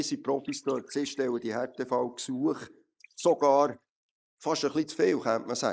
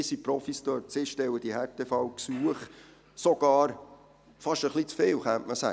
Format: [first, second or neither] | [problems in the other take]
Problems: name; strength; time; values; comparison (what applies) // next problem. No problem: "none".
second | noise reduction (neural mask model Resemble Enhance denoiser)